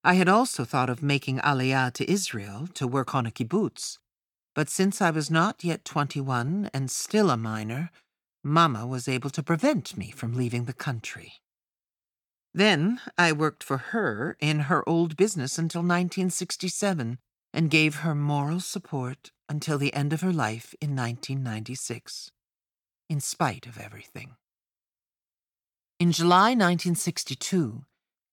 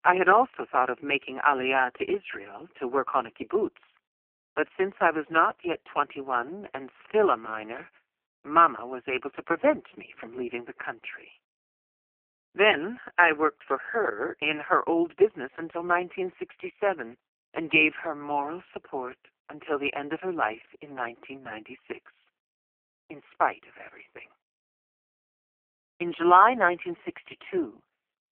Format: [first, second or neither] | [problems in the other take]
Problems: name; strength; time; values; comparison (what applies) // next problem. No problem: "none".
first | phone-call audio; poor line; nothing above 3 kHz